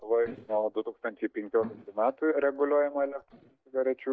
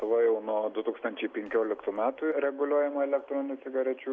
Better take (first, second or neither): second